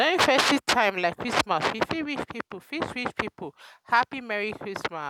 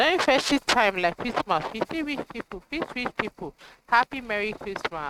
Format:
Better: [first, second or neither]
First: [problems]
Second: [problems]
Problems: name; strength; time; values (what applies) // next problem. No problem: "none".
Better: first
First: none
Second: noise reduction (neural mask model RNNoise)